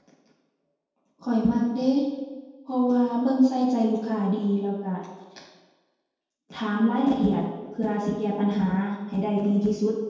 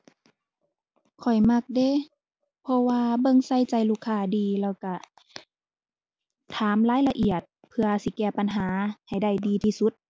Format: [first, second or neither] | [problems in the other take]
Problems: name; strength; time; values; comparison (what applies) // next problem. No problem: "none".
second | room echo; dies away in 1.1 s